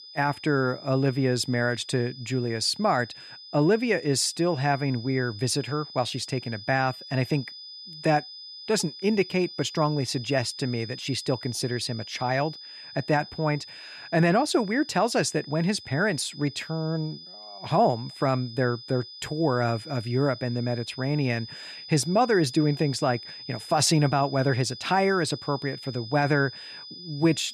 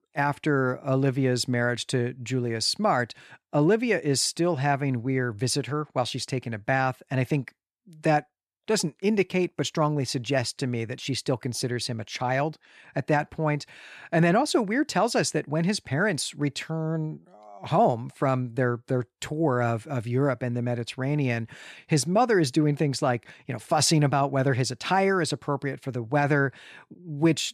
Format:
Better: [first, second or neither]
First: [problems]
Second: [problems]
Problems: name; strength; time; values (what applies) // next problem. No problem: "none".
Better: second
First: high-pitched whine; noticeable; throughout; 5 kHz, 15 dB below the speech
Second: none